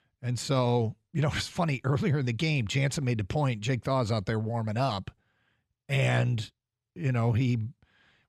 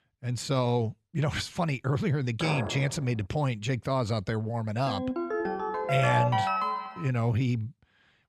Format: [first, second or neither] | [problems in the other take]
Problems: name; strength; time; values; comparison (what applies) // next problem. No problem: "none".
first | clattering dishes; noticeable; at 2.5 s; peak 5 dB below the speech // phone ringing; loud; from 5 to 7 s; peak 3 dB above the speech